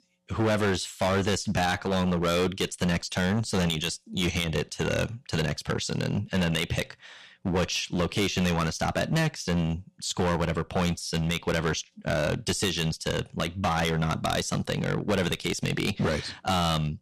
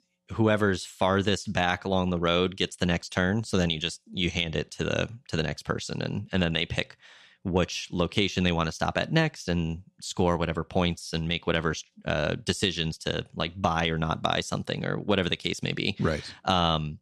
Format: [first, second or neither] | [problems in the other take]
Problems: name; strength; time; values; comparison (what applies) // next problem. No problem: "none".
second | distortion; heavy; 14% of the sound clipped